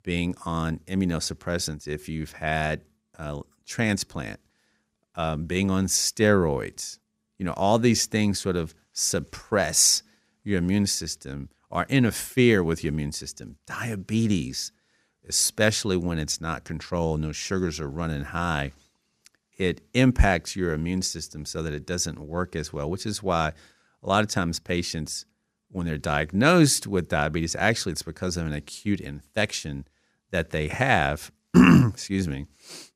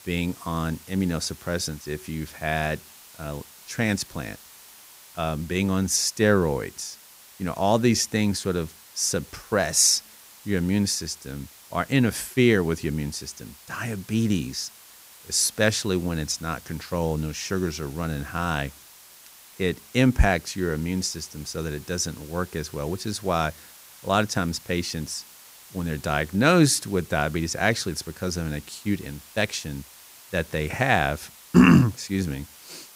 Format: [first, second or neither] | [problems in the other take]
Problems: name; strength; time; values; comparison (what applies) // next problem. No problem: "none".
first | hiss; faint; throughout; 20 dB below the speech